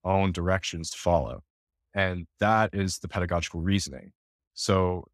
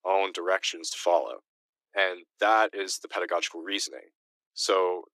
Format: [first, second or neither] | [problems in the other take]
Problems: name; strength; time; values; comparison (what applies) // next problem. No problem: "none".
first | thin; very; fading below 300 Hz